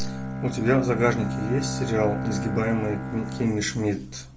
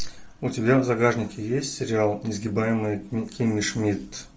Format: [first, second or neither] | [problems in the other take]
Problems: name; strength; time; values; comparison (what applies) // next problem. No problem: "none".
second | background sound (Bowed string instrument); 5 dB below the speech